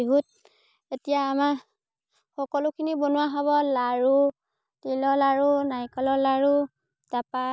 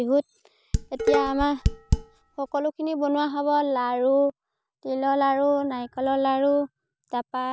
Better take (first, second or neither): first